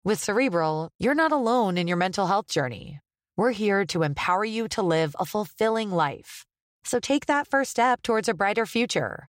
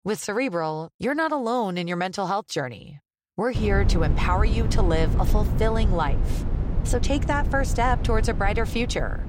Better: first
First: none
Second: low rumble; noticeable; from 3.5 s on; 10 dB below the speech

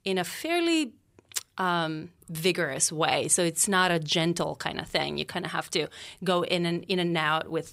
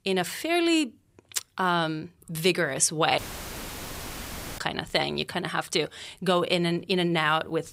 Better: first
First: none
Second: audio cutting out; filled with static; at 3 s for 1.5 s

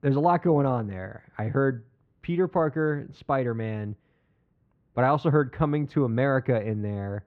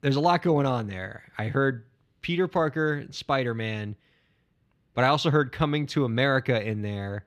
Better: second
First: muffled; very; fading above 2.5 kHz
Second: none

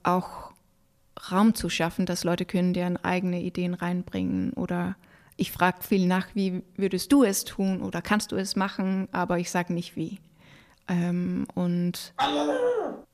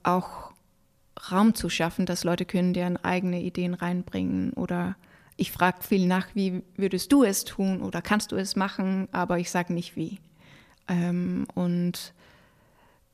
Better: second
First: dog barking; loud; at 12 s; peak 2 dB above the speech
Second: none

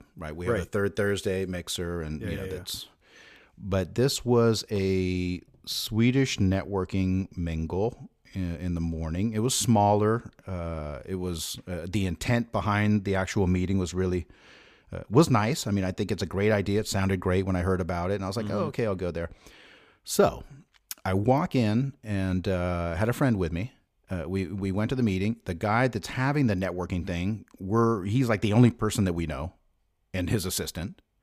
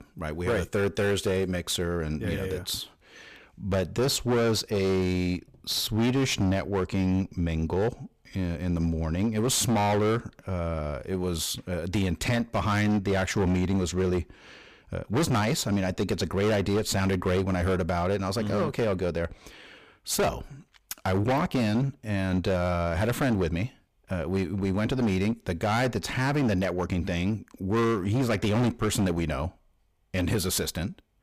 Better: first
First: none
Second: distortion; heavy; 17% of the sound clipped

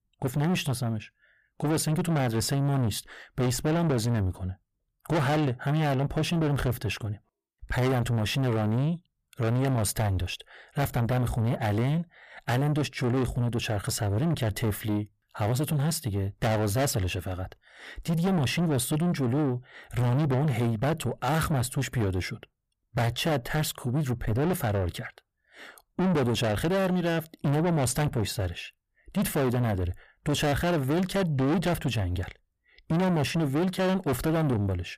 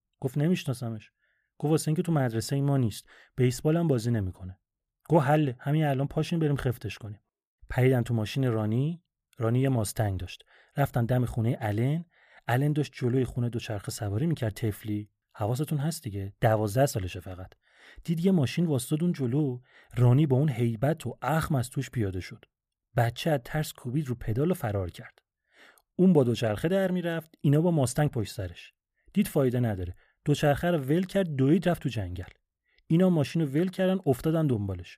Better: second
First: distortion; heavy; 6 dB below the speech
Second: none

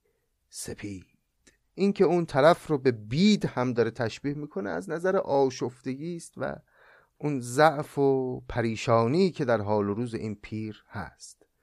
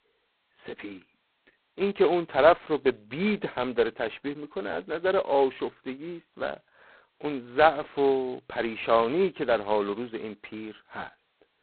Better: first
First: none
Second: phone-call audio; poor line; nothing above 4 kHz

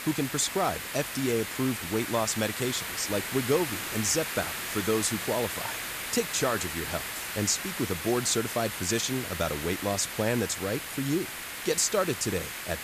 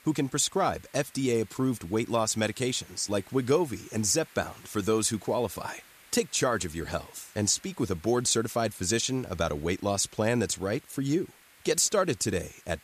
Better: second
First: hiss; loud; throughout; 4 dB below the speech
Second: hiss; faint; throughout; 25 dB below the speech

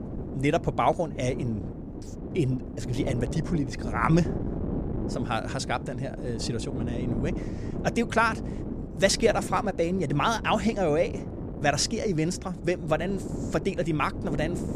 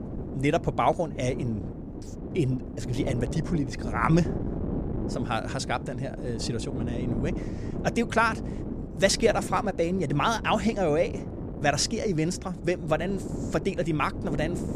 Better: neither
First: wind noise on the microphone; occasional gusts; 10 dB below the speech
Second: wind noise on the microphone; occasional gusts; 10 dB below the speech

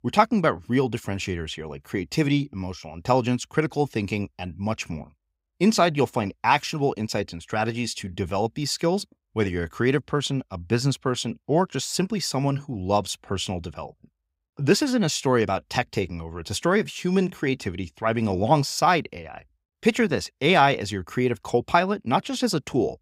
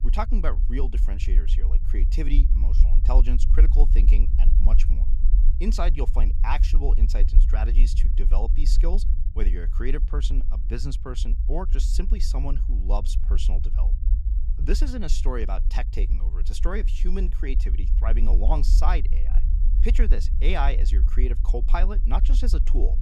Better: first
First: none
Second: low rumble; noticeable; throughout; 10 dB below the speech

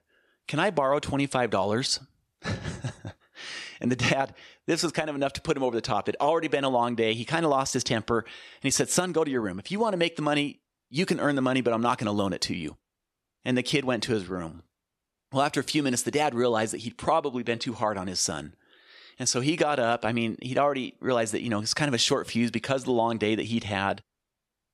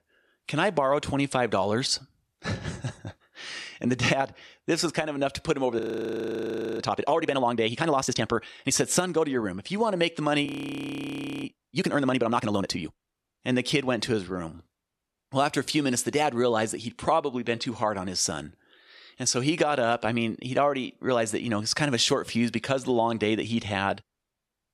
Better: first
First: none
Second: audio freezing; at 6 s for 1 s and at 10 s for 1 s

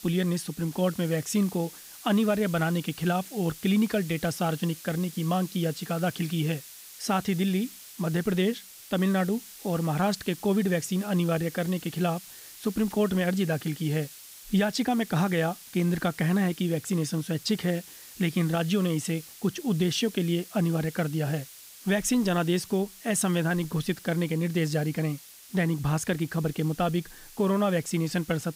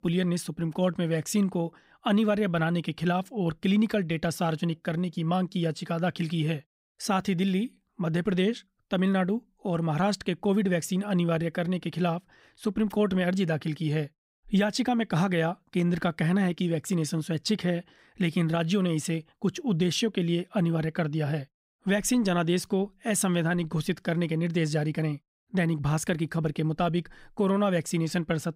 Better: second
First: hiss; noticeable; throughout; 15 dB below the speech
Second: none

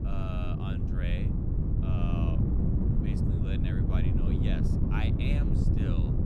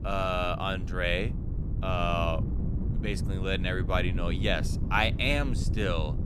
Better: second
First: wind noise on the microphone; heavy; 4 dB above the speech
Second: wind noise on the microphone; occasional gusts; 15 dB below the speech

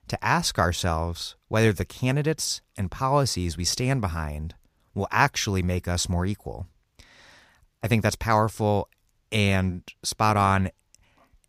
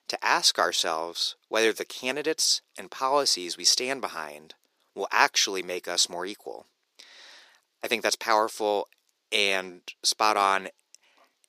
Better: first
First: none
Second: thin; very; fading below 350 Hz

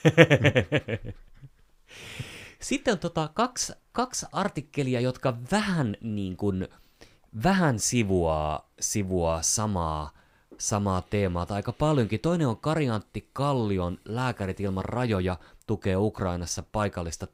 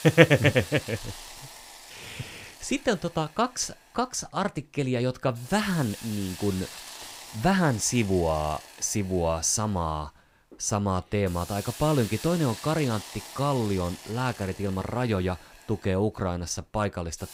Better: first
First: none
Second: hiss; noticeable; throughout; 15 dB below the speech

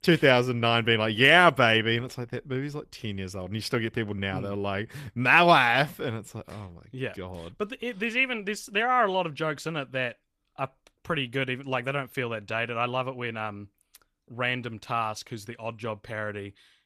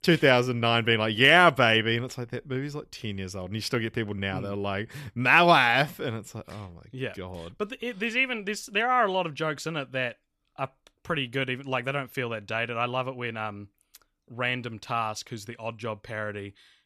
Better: second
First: garbled, watery; slightly; nothing above 14.5 kHz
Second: none

